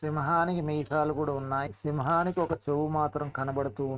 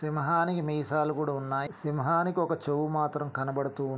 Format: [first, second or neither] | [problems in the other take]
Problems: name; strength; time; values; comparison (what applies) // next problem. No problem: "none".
second | noise reduction (neural mask model RNNoise)